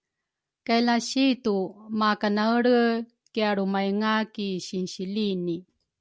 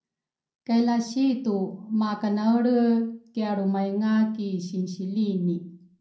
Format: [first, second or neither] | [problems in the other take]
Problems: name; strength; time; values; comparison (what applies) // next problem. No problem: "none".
first | room echo; dies away in 0.6 s